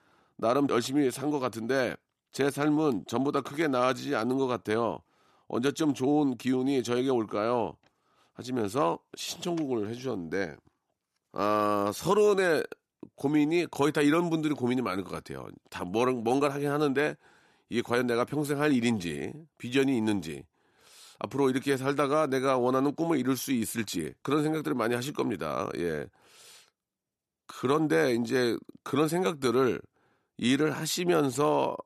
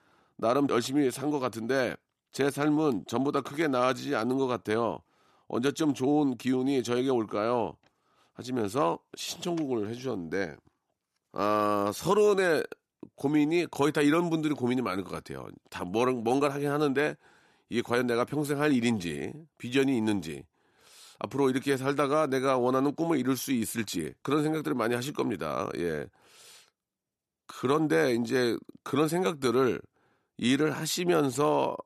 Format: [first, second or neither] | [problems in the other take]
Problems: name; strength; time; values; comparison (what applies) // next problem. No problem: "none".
neither | none